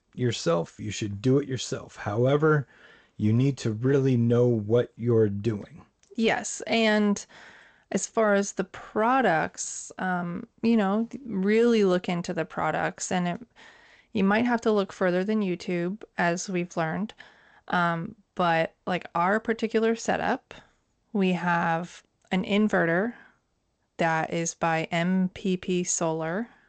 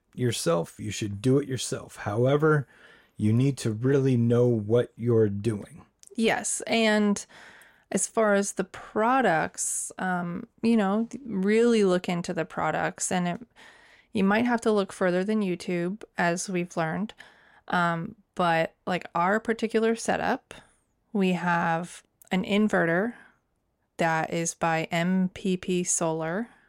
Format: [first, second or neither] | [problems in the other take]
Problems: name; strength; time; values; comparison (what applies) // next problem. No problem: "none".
second | garbled, watery; slightly; nothing above 8 kHz